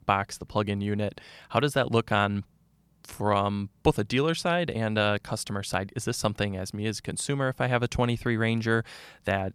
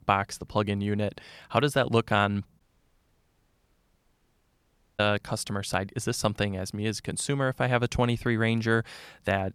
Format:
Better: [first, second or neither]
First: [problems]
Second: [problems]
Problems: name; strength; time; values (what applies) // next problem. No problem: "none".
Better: first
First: none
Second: audio cutting out; at 2.5 s for 2.5 s